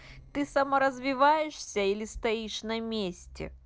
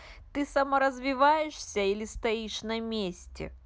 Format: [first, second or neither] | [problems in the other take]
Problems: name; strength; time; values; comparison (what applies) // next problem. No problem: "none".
second | noise reduction (neural separator model SepFormer DNS4)